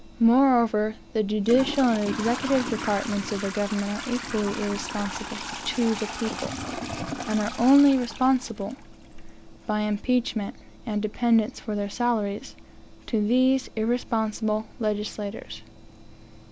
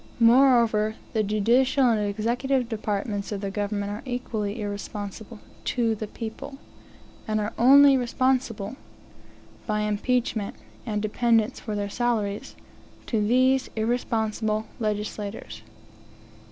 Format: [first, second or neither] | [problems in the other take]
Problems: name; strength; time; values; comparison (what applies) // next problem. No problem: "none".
second | background sound (Trickle, dribble / Toilet flush); 12 dB below the speech